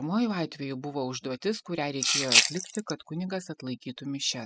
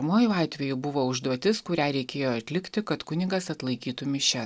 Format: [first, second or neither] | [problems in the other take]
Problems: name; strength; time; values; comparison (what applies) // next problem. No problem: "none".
second | noise reduction (classical method spectral subtraction)